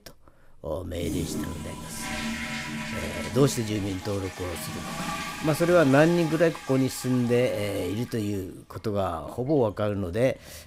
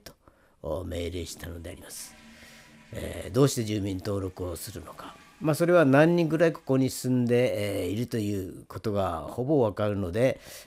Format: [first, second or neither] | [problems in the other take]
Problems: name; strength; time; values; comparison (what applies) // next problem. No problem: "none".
second | household noises; loud; throughout; 9 dB below the speech; faint in the second